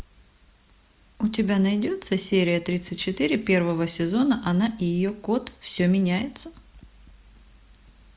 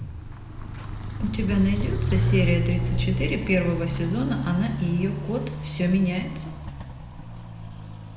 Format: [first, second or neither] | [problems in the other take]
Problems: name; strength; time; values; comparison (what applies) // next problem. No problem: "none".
first | background sound (Walk, footsteps); 1 dB below the speech // room echo; dies away in 0.8 s